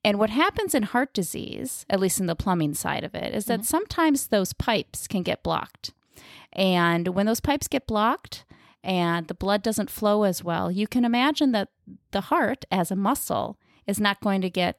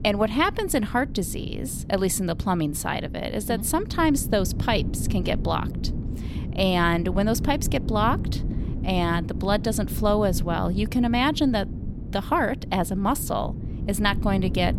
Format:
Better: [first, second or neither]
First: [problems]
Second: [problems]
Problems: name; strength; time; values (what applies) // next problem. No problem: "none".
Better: first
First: none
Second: wind noise on the microphone; occasional gusts; 15 dB below the speech